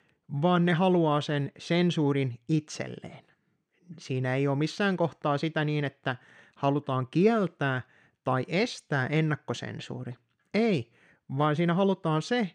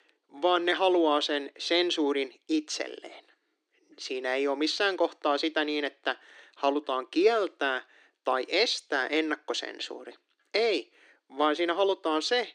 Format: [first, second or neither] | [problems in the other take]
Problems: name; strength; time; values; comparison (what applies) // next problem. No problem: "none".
first | thin; somewhat; fading below 300 Hz